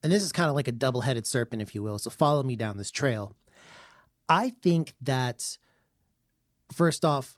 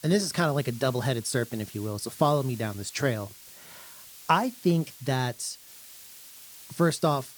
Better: first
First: none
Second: hiss; noticeable; throughout; 15 dB below the speech

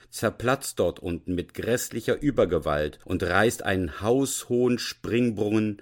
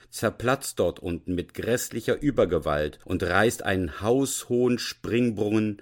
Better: neither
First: none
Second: none

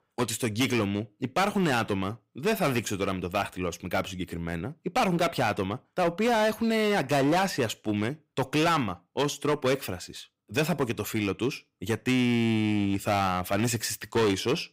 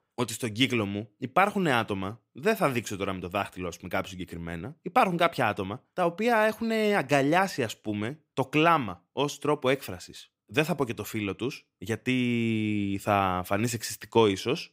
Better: second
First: distortion; heavy; 10% of the sound clipped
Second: none

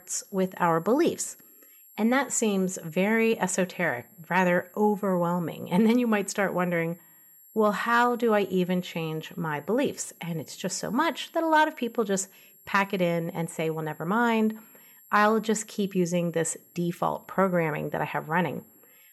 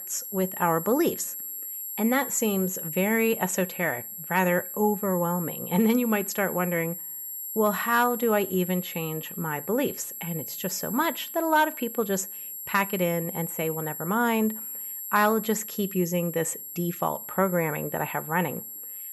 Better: first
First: high-pitched whine; faint; throughout; 11.5 kHz, 25 dB below the speech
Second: high-pitched whine; loud; throughout; 11.5 kHz, 7 dB below the speech

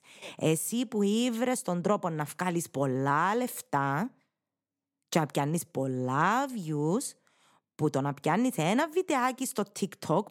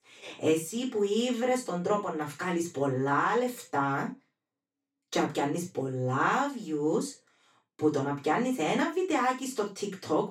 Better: first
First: none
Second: room echo; slight; dies away in 0.2 s // off-mic speech; far

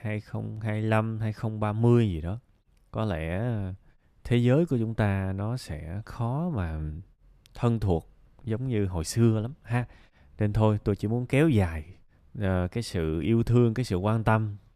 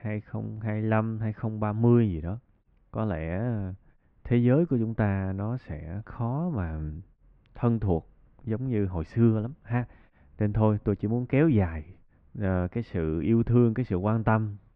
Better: first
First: none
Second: muffled; very; fading above 2 kHz

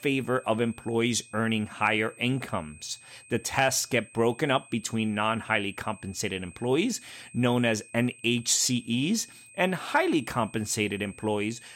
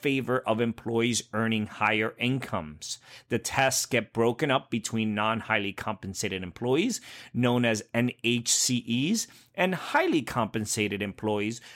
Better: second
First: high-pitched whine; faint; throughout; 2.5 kHz, 20 dB below the speech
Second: none

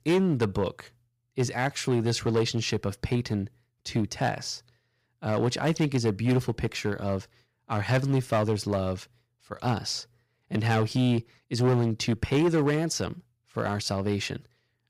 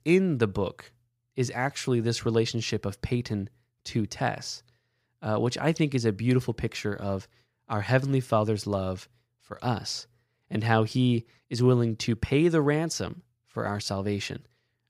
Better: second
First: distortion; slight; 5% of the sound clipped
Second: none

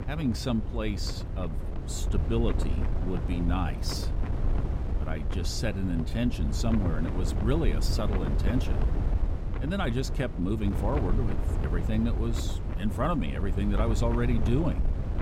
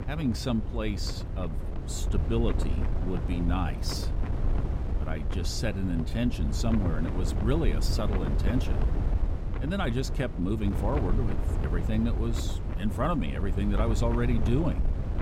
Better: neither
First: wind noise on the microphone; heavy; 6 dB below the speech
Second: wind noise on the microphone; heavy; 6 dB below the speech

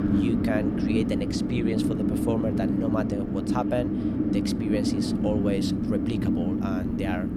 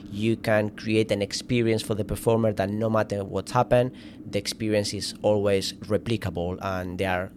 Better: second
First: wind noise on the microphone; heavy; 2 dB above the speech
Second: wind noise on the microphone; occasional gusts; 20 dB below the speech

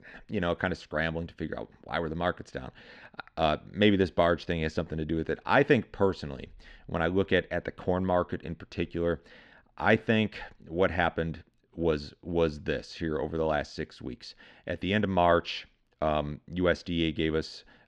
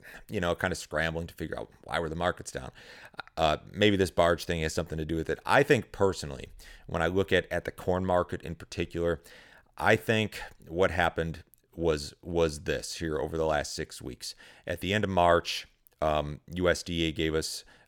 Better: second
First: muffled; very slightly; fading above 4 kHz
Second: none

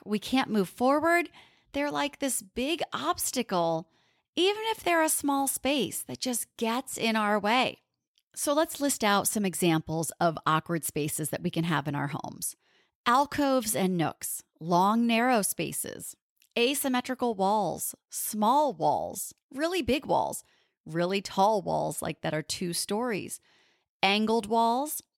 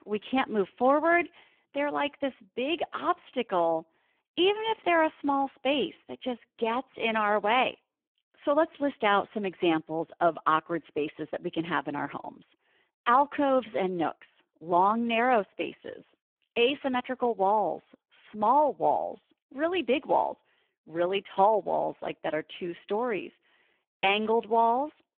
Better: first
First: none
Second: phone-call audio; poor line; nothing above 3 kHz

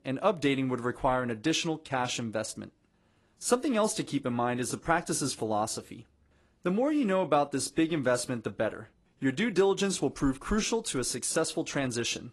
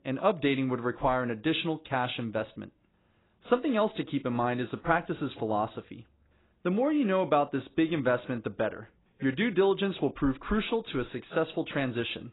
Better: first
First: garbled, watery; slightly; nothing above 11.5 kHz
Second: garbled, watery; badly; nothing above 4 kHz

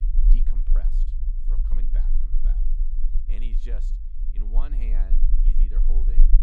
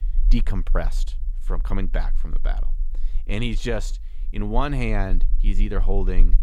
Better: second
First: low rumble; loud; throughout; 3 dB below the speech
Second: low rumble; faint; throughout; 25 dB below the speech

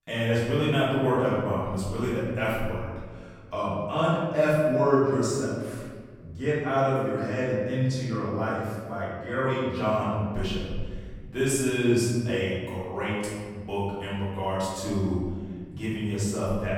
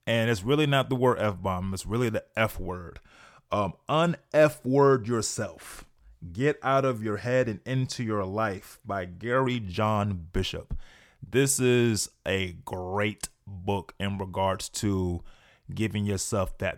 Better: second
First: room echo; strong; dies away in 1.6 s // off-mic speech; far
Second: none

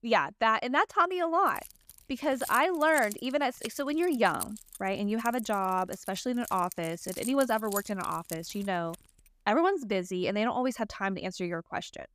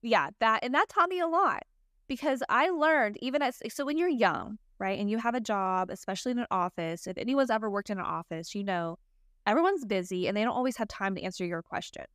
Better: second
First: jangling keys; noticeable; from 1.5 to 9 s; peak 8 dB below the speech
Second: none

